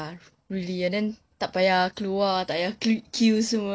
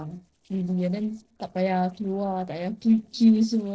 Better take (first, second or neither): first